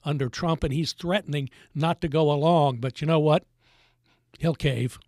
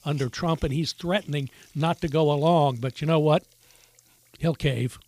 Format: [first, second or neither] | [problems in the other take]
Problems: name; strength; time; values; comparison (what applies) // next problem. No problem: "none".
first | hiss; faint; throughout; 30 dB below the speech